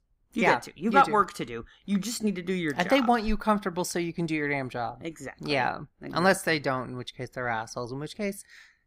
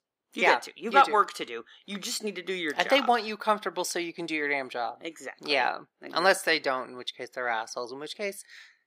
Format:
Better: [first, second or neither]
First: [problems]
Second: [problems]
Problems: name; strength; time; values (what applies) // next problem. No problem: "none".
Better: first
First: none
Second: thin; somewhat; fading below 450 Hz